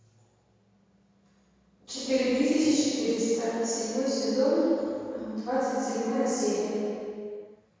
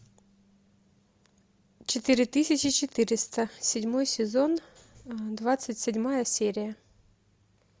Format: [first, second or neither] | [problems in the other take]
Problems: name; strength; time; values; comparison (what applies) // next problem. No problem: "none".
second | room echo; dies away in 2.2 s